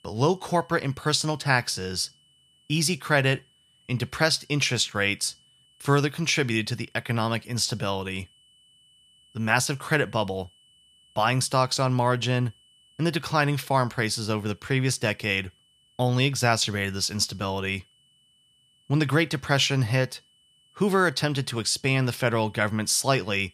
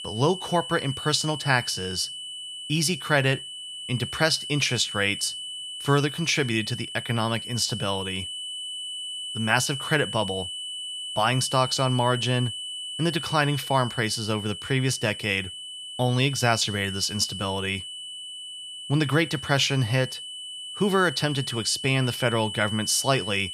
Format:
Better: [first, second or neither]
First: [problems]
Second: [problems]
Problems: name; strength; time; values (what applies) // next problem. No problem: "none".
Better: first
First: high-pitched whine; faint; throughout; 3 kHz, 35 dB below the speech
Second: high-pitched whine; loud; throughout; 3 kHz, 8 dB below the speech